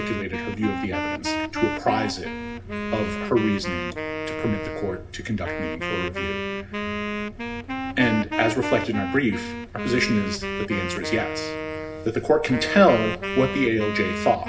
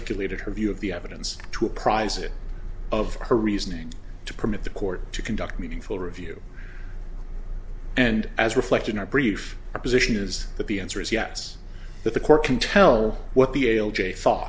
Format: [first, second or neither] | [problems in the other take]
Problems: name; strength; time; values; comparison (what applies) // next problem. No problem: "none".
second | background sound (Wind instrument, woodwind instrument); 5 dB below the speech // room echo; dies away in 0.4 s